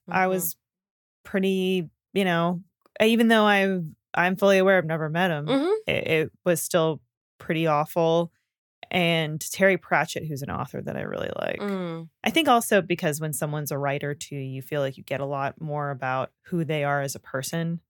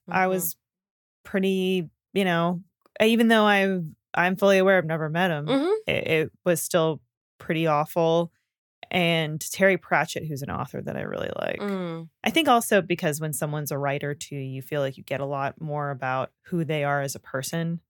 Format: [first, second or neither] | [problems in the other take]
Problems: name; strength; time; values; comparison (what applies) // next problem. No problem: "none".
neither | none